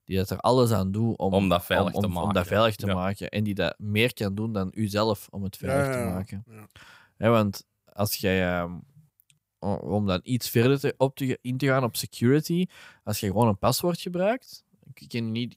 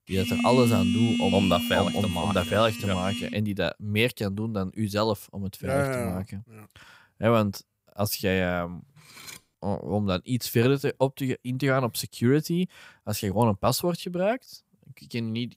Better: first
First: none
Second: phone ringing; loud; until 3.5 s; peak 2 dB above the speech // clattering dishes; faint; at 9 s; peak 15 dB below the speech

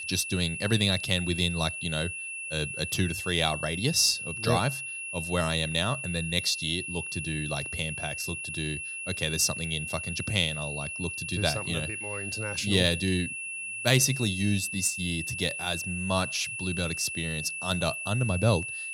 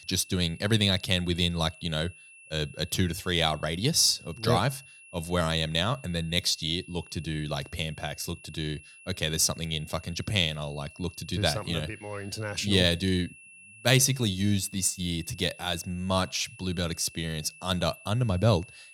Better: second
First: high-pitched whine; loud; throughout; 2.5 kHz, 5 dB below the speech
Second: high-pitched whine; faint; throughout; 2.5 kHz, 20 dB below the speech

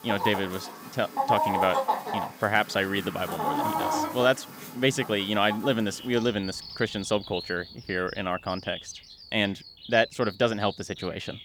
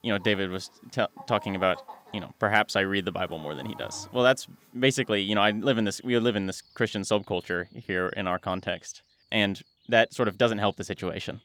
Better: second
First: animal sounds; loud; throughout; 5 dB below the speech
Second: animal sounds; faint; throughout; 25 dB below the speech

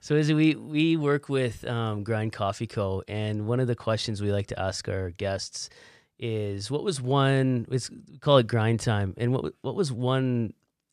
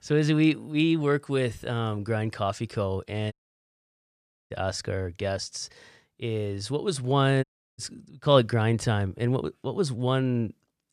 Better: first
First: none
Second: audio cutting out; at 3.5 s for 1 s and at 7.5 s

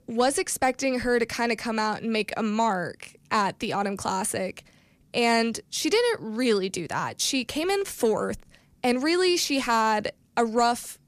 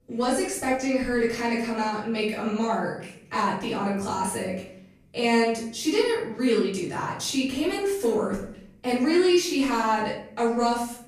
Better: first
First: none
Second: off-mic speech; far // room echo; noticeable; dies away in 0.6 s

